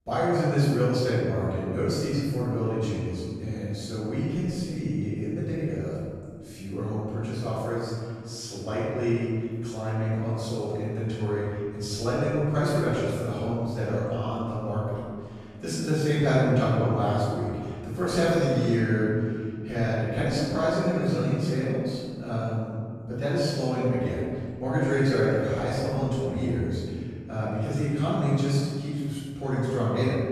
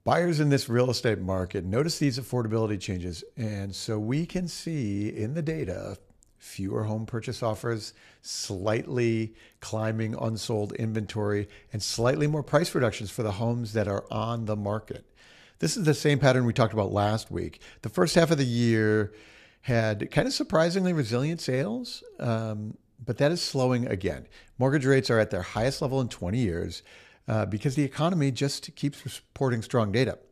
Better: second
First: off-mic speech; far // room echo; strong; dies away in 2.1 s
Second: none

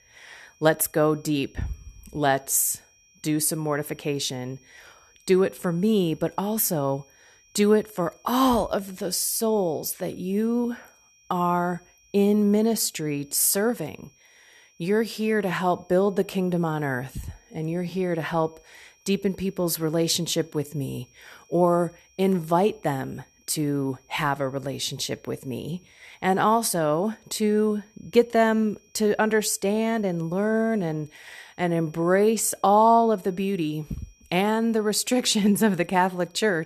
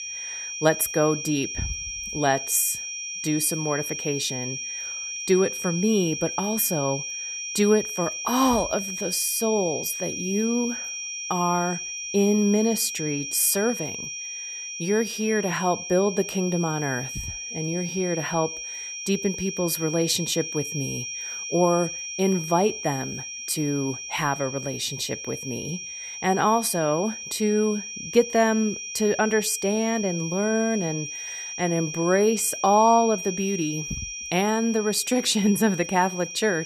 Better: first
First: high-pitched whine; faint; throughout; 5.5 kHz, 35 dB below the speech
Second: high-pitched whine; loud; throughout; 5.5 kHz, 6 dB below the speech

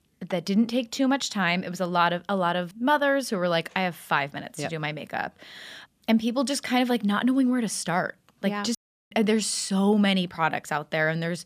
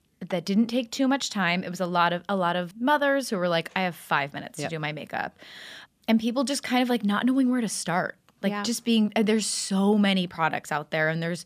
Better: second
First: audio cutting out; at 9 s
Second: none

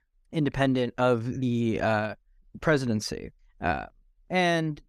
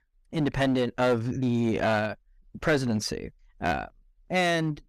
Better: first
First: none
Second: distortion; slight; 6% of the sound clipped

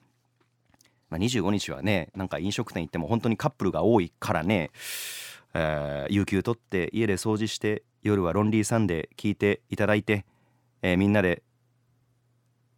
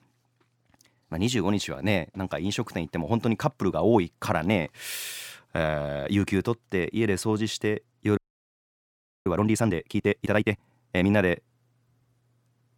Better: first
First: none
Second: audio freezing; at 8 s for 1 s

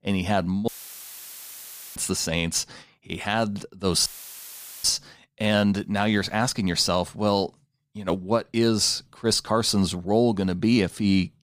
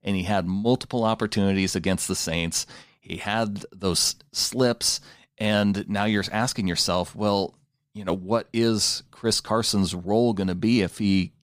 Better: second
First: audio cutting out; filled with static; at 0.5 s for 1.5 s and at 4 s for 1 s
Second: none

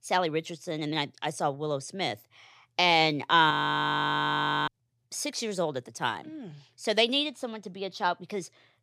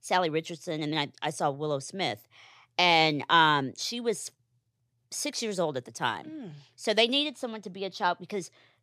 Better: second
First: audio freezing; at 3.5 s for 1 s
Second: none

